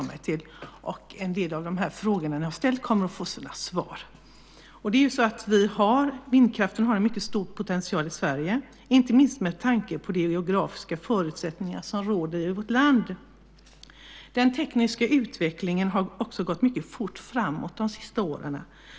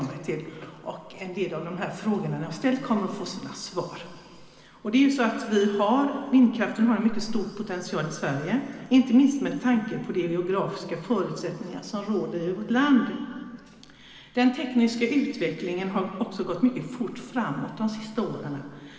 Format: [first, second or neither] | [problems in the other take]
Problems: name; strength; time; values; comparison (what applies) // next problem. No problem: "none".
first | room echo; dies away in 2.1 s